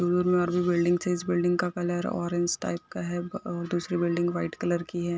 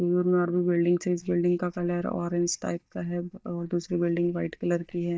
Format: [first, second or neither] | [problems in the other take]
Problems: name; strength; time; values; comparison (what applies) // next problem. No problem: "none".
first | noise reduction (neural mask model DeepFilterNet 3)